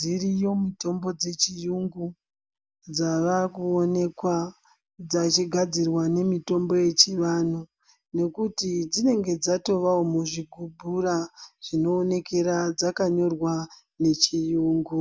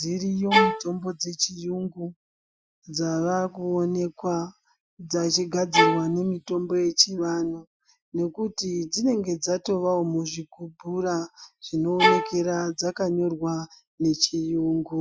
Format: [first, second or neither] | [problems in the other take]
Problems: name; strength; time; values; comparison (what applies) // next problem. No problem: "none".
first | noise reduction (classical method Wiener filter)